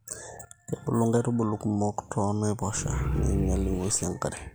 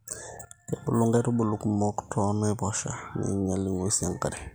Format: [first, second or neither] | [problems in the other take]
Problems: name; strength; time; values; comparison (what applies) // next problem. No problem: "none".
second | background sound (Growling); 1 dB below the speech